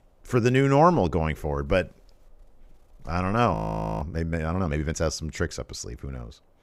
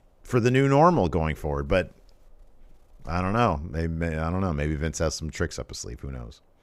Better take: second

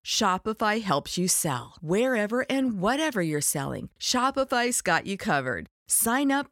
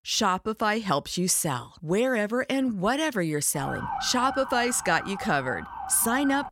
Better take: first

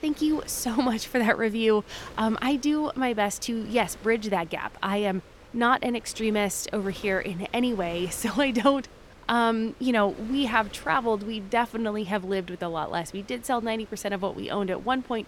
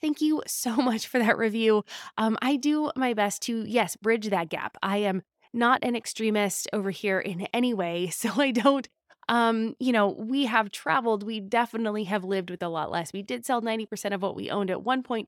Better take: second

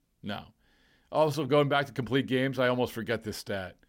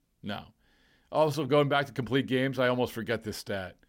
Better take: neither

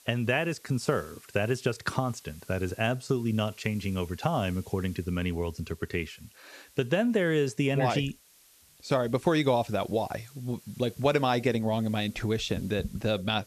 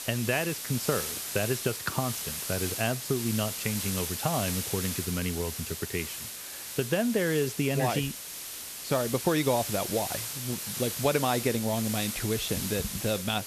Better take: first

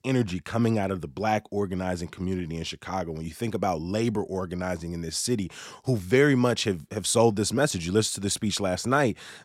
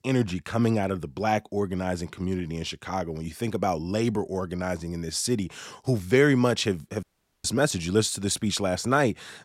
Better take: first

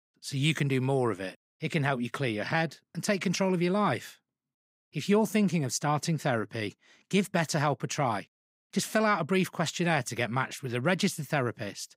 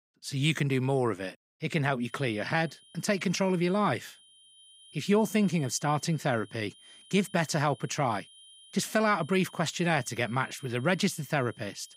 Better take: first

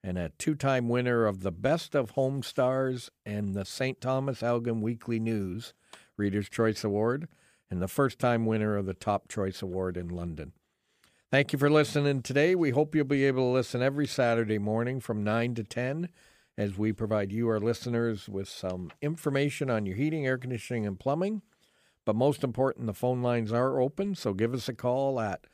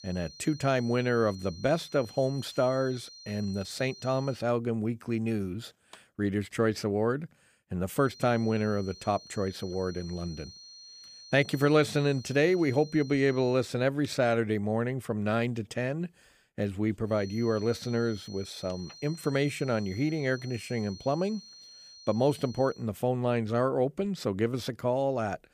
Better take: first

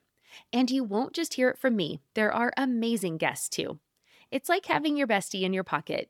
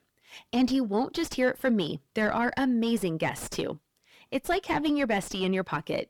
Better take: first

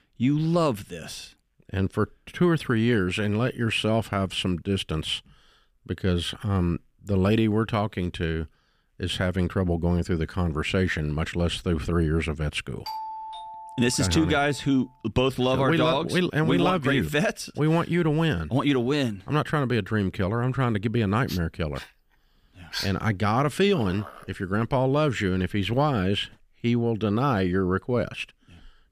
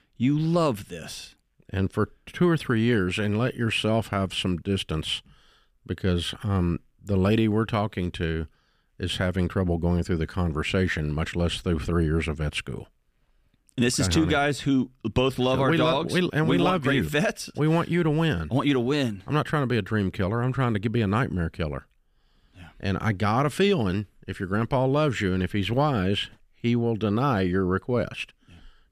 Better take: second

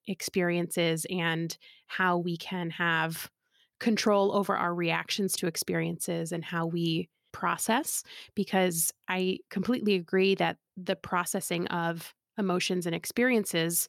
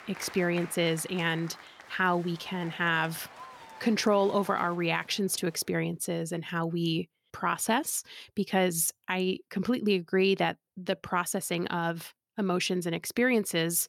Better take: first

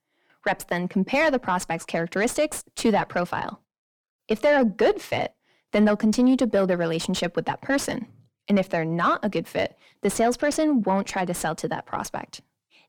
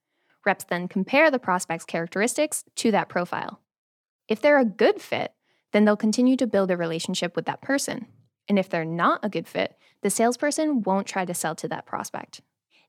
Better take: second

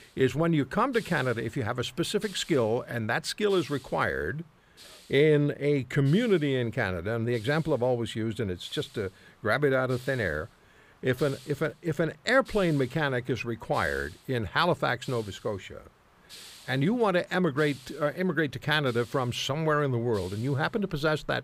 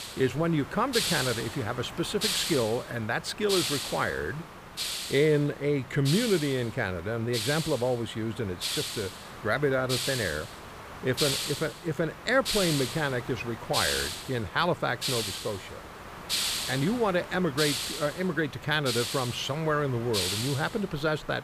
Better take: first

